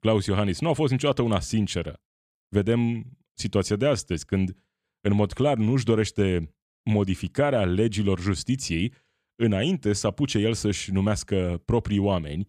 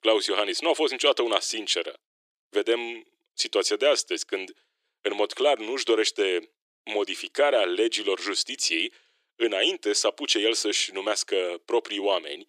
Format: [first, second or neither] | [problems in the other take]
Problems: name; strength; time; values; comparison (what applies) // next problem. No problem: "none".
first | thin; very; fading below 350 Hz